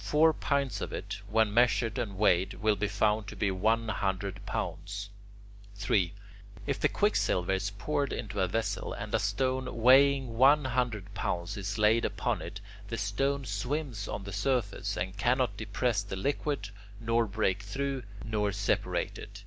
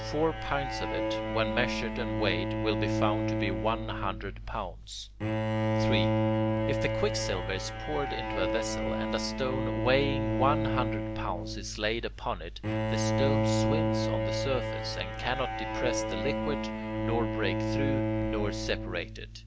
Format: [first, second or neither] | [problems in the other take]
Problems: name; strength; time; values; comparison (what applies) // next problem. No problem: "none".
first | background sound (Bowed string instrument); 2 dB above the speech